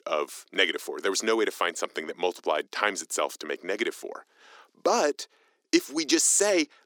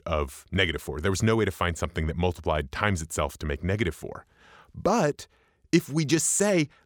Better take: second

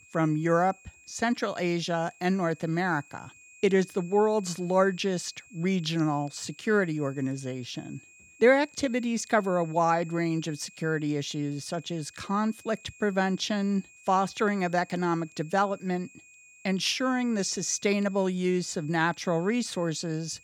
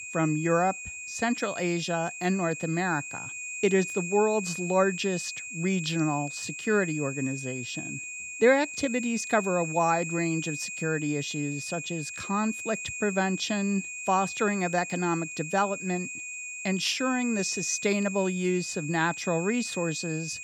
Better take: first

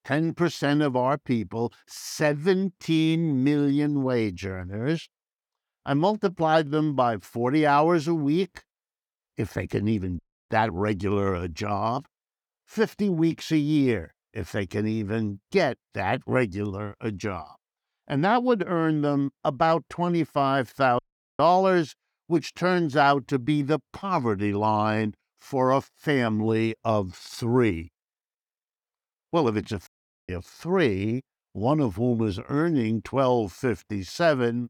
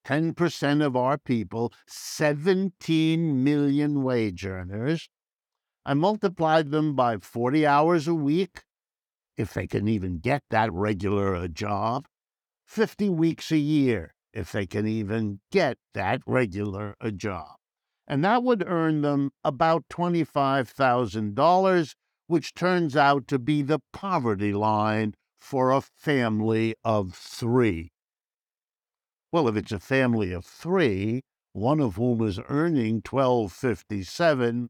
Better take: second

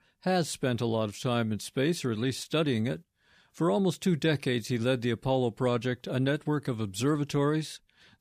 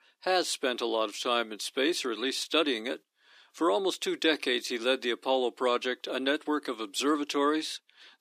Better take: first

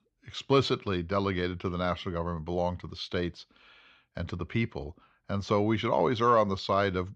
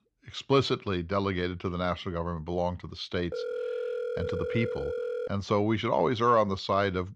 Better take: first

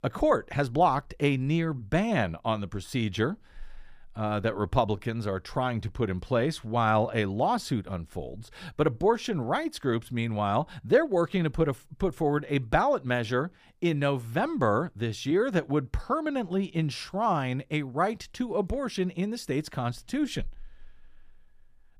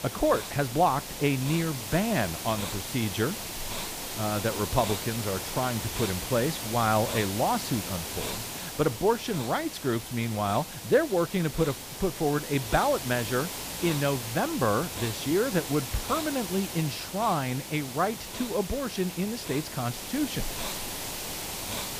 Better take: first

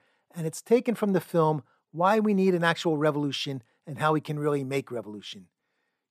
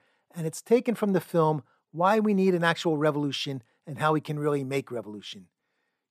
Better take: neither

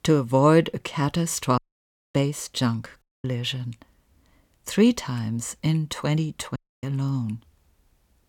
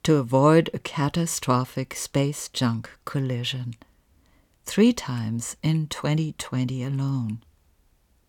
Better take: second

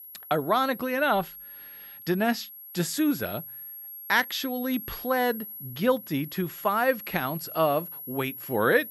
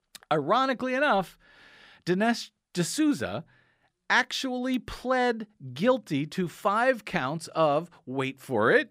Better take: second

